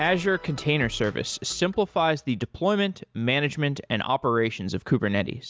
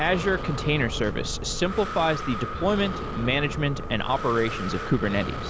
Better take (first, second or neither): first